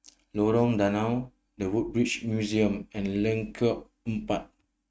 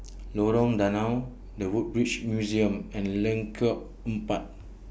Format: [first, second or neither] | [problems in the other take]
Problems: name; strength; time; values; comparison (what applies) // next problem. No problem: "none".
second | noise reduction (neural mask model RNNoise)